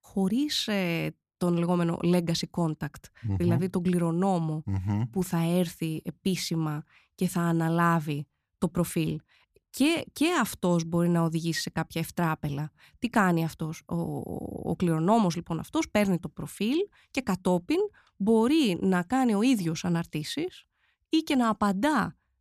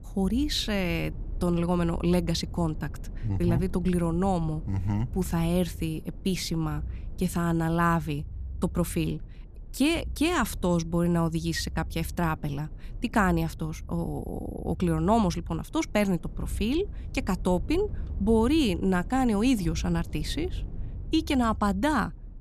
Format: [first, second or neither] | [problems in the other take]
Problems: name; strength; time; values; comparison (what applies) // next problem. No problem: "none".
first | low rumble; faint; throughout; 25 dB below the speech